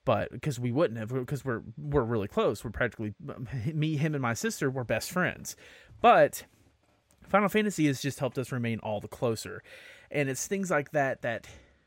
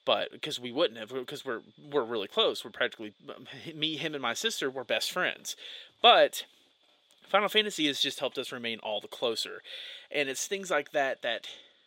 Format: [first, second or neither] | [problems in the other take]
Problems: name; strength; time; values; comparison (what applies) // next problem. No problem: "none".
first | thin; somewhat; fading below 400 Hz